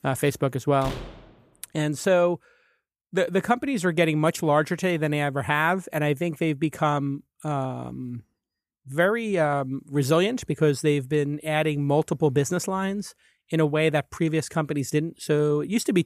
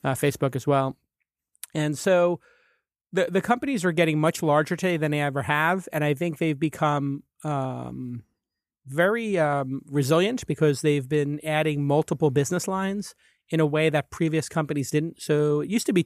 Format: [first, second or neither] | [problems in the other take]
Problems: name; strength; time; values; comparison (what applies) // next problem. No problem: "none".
second | door banging; faint; at 1 s; peak 10 dB below the speech